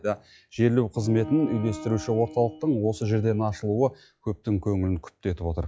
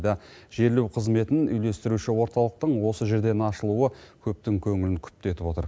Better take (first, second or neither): second